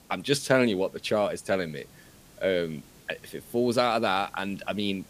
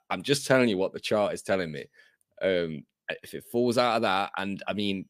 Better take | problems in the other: second | hiss; faint; throughout; 25 dB below the speech

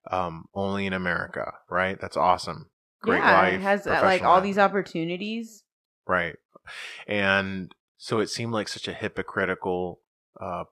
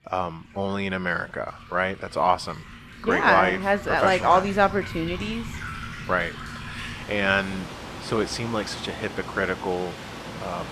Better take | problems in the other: first | rain or running water; noticeable; throughout; 15 dB below the speech

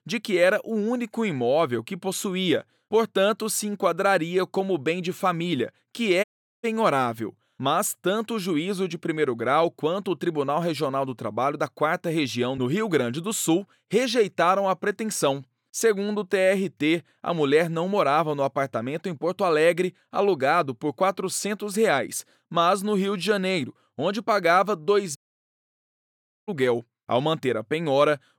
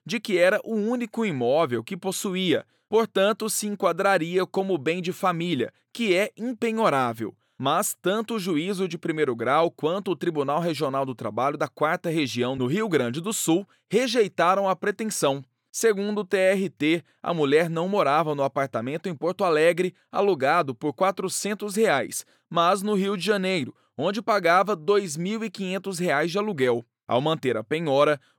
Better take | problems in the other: second | audio cutting out; at 6 s and at 25 s for 1.5 s

